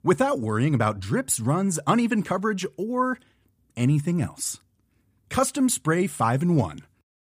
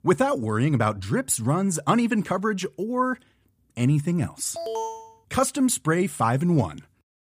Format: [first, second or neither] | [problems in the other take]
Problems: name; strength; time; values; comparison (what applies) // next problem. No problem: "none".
first | alarm; noticeable; at 4.5 s; peak 6 dB below the speech